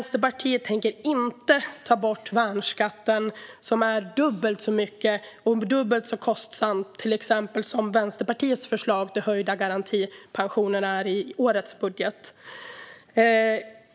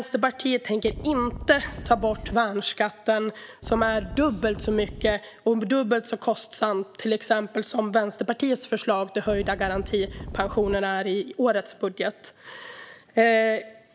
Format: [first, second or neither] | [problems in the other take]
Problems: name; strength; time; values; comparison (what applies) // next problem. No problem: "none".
first | background sound (Wind); 11 dB below the speech